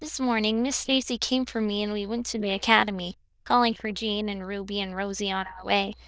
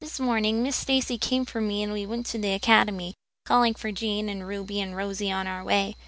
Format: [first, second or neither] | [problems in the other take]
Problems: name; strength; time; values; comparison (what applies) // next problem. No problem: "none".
second | noise reduction (neural diffusion model UNIVERSE++)